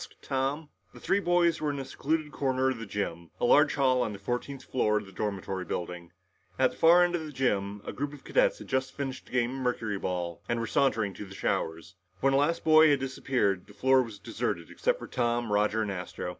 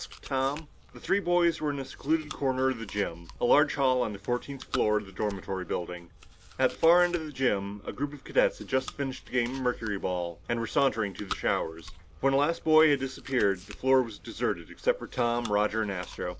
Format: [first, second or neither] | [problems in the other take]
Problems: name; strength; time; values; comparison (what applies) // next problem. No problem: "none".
first | background sound (Chewing, mastication); 18 dB below the speech